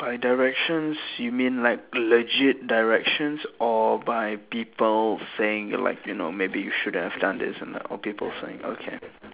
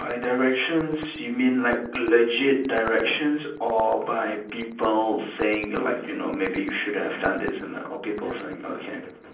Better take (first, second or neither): first